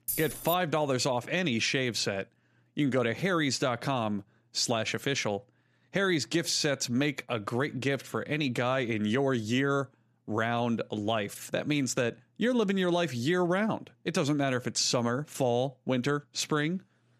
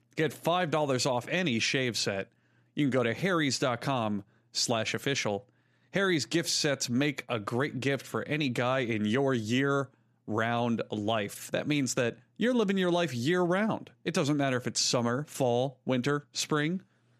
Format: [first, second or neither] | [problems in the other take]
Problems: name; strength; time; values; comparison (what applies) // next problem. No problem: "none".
second | jangling keys; noticeable; at the start; peak 4 dB below the speech